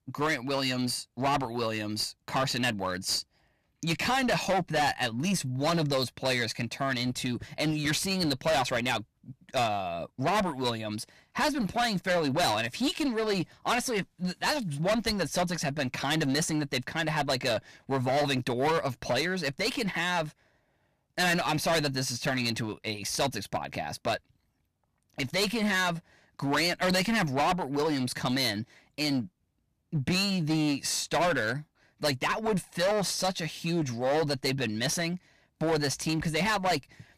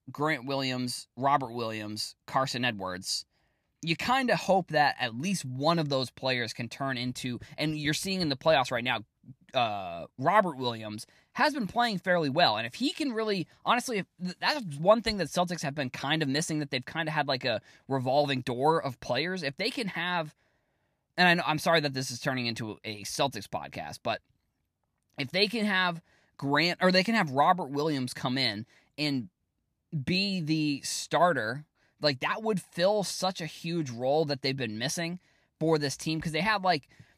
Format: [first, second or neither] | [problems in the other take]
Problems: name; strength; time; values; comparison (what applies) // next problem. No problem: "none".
second | distortion; heavy; 14% of the sound clipped